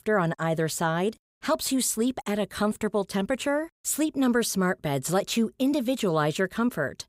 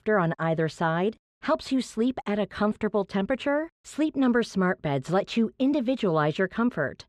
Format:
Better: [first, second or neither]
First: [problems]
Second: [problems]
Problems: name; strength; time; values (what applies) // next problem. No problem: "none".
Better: first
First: none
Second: muffled; slightly; fading above 3 kHz